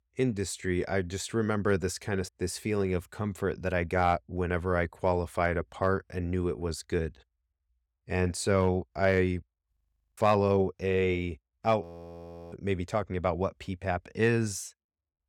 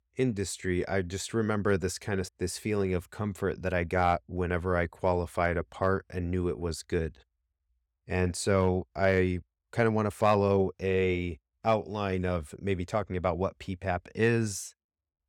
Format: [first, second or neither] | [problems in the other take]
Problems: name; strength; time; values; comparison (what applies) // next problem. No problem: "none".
second | audio freezing; at 9.5 s and at 12 s for 0.5 s